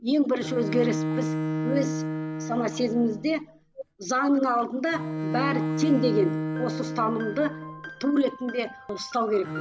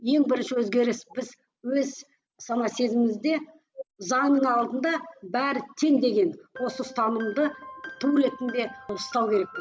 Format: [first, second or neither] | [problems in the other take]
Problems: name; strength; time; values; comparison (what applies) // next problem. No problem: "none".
second | background sound (Bowed string instrument); 5 dB below the speech